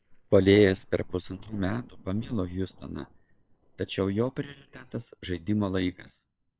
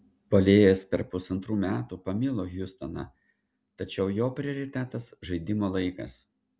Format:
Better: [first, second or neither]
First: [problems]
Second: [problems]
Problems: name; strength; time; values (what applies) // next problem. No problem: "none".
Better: second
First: noise reduction (neural separator model SepFormer WHAM!)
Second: none